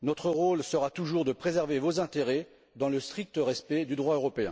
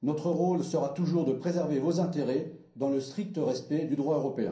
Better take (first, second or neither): first